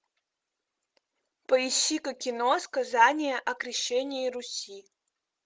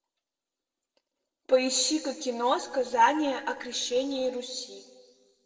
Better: first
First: none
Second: noise reduction (neural separator model SepFormer DNS4)

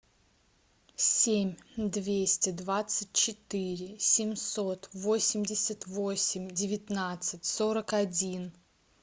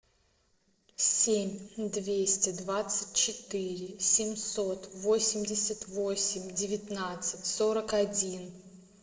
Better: first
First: none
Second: noise reduction (neural separator model SepFormer DNS4)

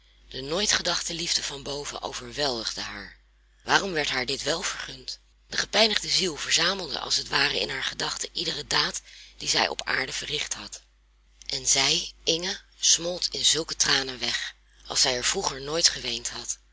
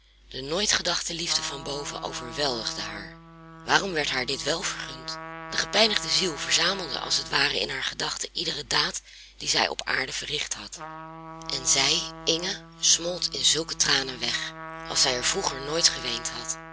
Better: first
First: none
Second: background sound (Trumpet); 15 dB below the speech

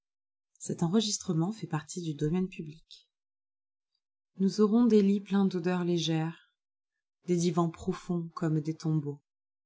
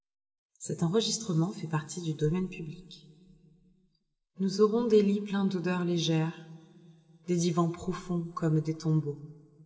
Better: first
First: none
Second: room echo; dies away in 2.2 s

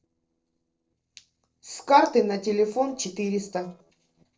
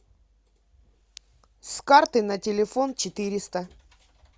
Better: second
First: noise reduction (neural separator model SepFormer DNS4)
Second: none

